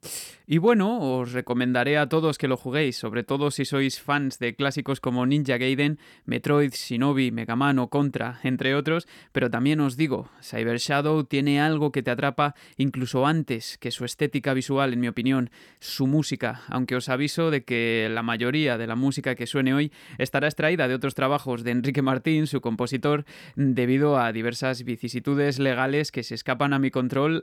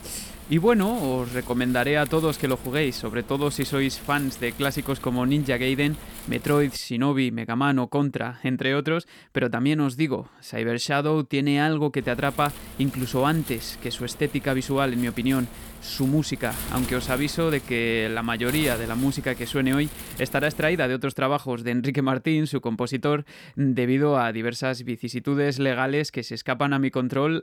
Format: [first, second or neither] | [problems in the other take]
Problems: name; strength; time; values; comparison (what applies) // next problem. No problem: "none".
first | wind noise on the microphone; occasional gusts; until 7 s and from 12 to 21 s; 15 dB below the speech